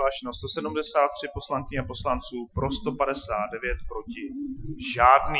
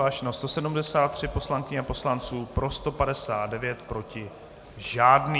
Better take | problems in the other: second | noise reduction (classical method Wiener filter)

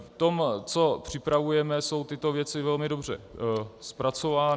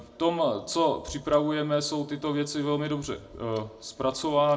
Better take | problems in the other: first | room echo; dies away in 0.4 s

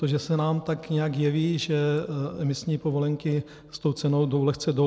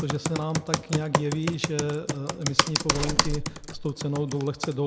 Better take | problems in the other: first | background sound (Computer keyboard + Zipper (clothing)); as loud as the speech

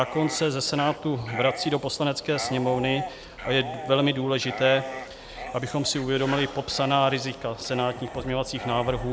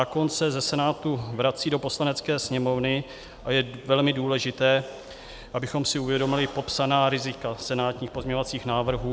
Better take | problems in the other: second | background sound (Dog); 11 dB below the speech

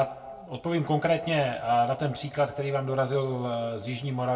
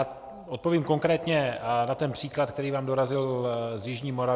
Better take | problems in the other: second | room echo; dies away in 0.2 s

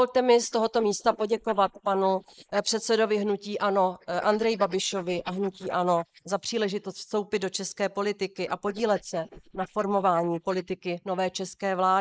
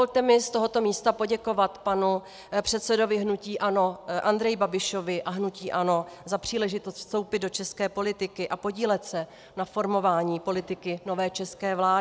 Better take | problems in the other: second | noise reduction (neural mask model Resemble Enhance denoiser)

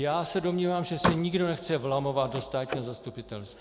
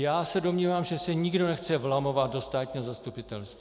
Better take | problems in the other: second | background sound (Slam); 8 dB below the speech

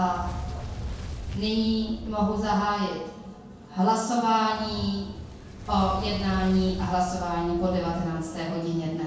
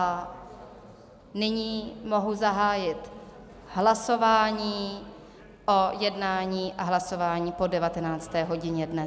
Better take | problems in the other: second | background sound (Fire); 10 dB below the speech // room echo; dies away in 0.6 s

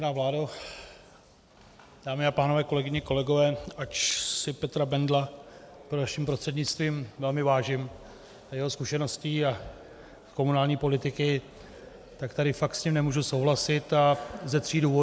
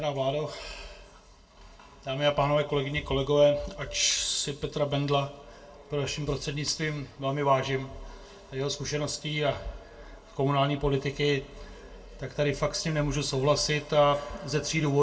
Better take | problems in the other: first | room echo; dies away in 0.2 s

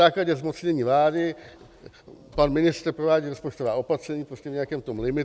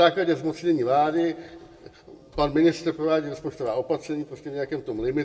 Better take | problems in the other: first | room echo; dies away in 0.8 s

